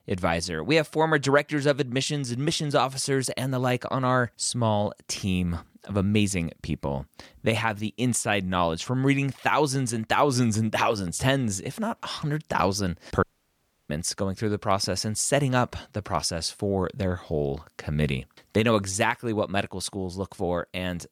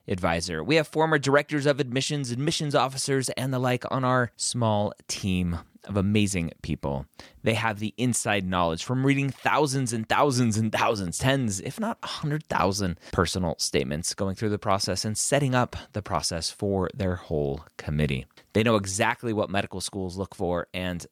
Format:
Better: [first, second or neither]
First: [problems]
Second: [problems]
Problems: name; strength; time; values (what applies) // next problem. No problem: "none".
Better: second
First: audio cutting out; at 13 s for 0.5 s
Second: none